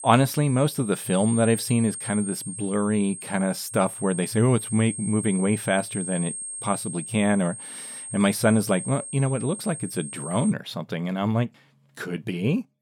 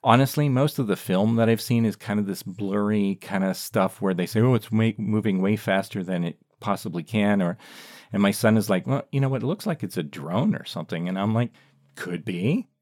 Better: second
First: high-pitched whine; loud; until 11 s; 8.5 kHz, 8 dB below the speech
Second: none

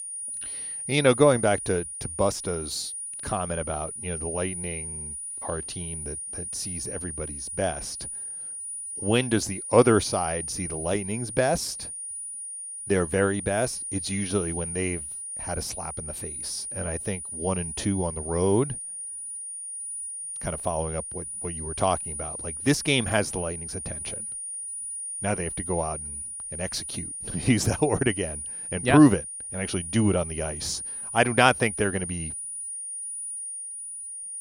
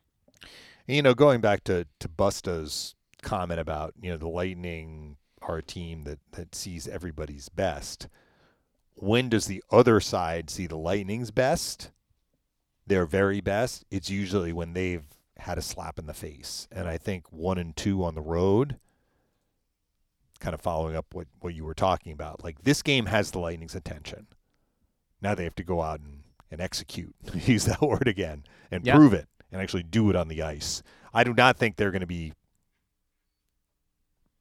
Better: second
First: high-pitched whine; loud; throughout; 9.5 kHz, 6 dB below the speech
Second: none

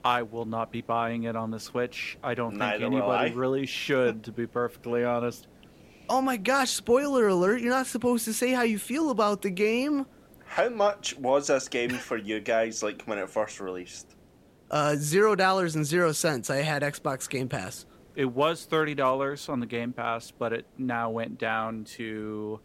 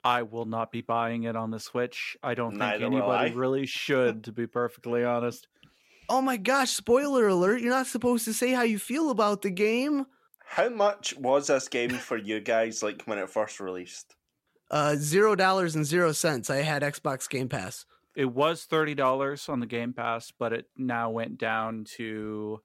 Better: second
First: hiss; faint; throughout; 30 dB below the speech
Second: none

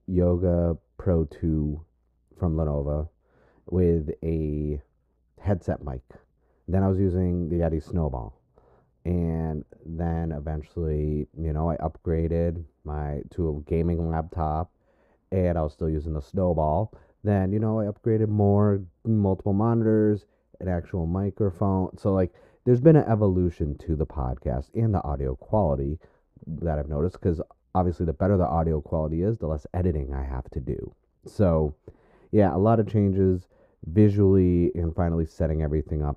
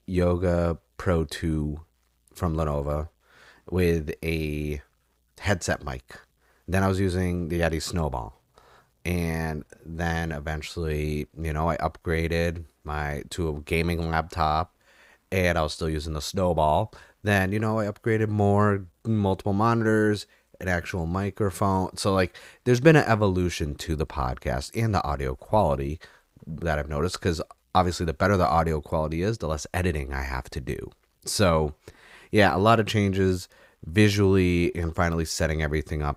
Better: second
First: muffled; very; fading above 1.5 kHz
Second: none

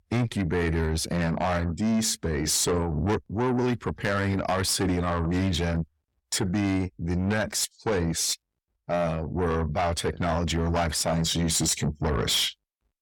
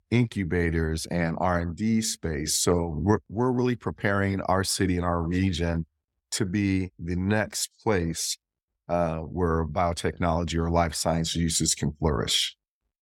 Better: second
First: distortion; heavy; 7 dB below the speech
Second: none

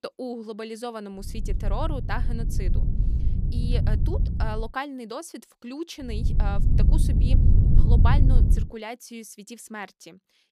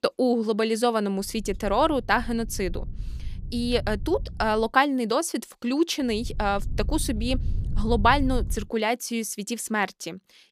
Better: second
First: low rumble; loud; from 1.5 to 4.5 s and from 6 to 8.5 s; 4 dB below the speech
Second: low rumble; faint; from 1.5 to 4.5 s and from 6 to 8.5 s; 25 dB below the speech

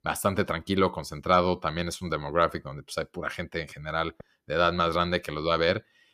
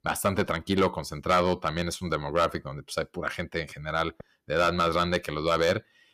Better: first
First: none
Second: distortion; slight; 1.9% of the sound clipped

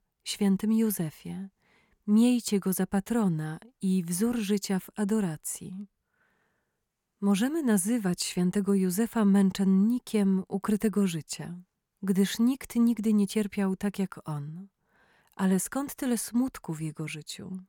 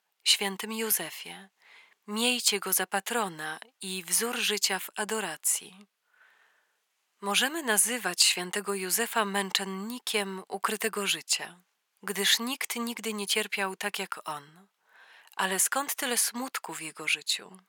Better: first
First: none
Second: thin; very; fading below 750 Hz

